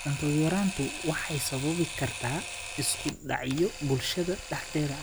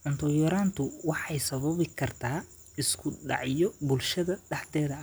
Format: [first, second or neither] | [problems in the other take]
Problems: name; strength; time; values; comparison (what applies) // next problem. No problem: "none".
second | background sound (Camera); 9 dB below the speech